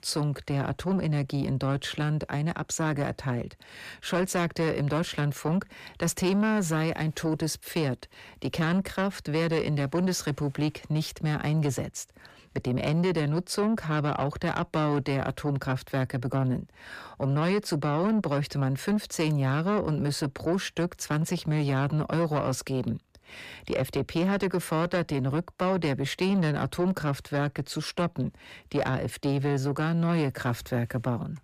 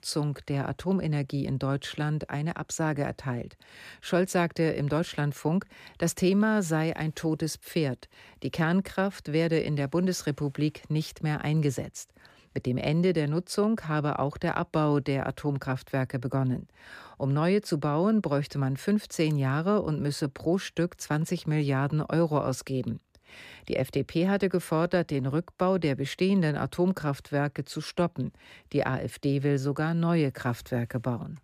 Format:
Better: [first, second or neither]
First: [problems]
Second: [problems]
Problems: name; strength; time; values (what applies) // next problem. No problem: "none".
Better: second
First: distortion; slight; 10 dB below the speech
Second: none